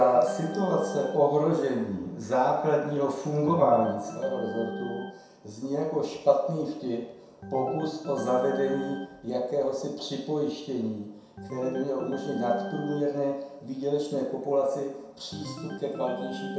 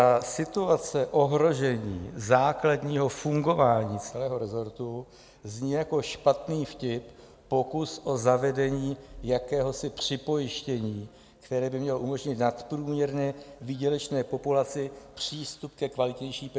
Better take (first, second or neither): second